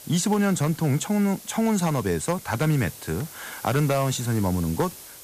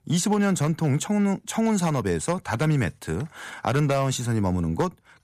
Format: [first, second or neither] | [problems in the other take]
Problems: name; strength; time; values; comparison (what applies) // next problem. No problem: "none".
second | hiss; noticeable; throughout; 15 dB below the speech